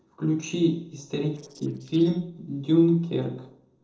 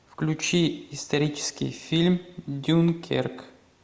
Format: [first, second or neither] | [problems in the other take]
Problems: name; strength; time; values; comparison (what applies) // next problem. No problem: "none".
second | noise reduction (neural separator model SepFormer DNS4)